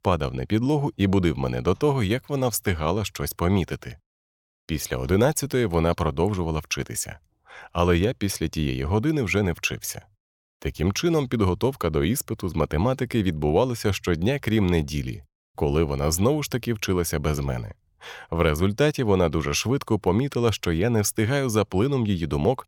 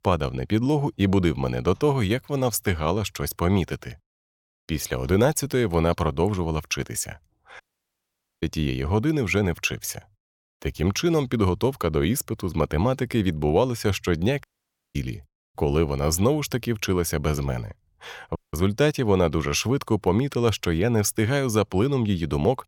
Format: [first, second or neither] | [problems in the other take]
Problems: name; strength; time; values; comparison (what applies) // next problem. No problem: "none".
first | audio cutting out; at 7.5 s for 1 s, at 14 s for 0.5 s and at 18 s